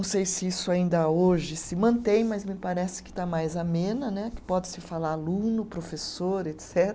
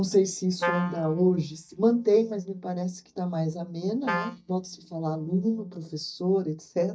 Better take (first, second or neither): first